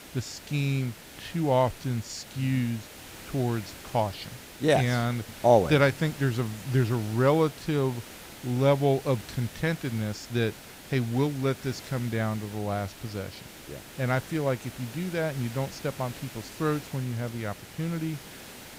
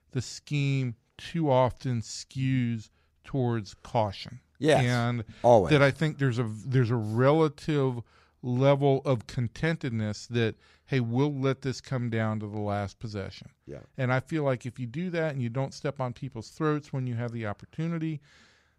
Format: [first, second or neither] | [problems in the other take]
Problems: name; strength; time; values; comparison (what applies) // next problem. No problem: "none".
second | hiss; noticeable; throughout; 15 dB below the speech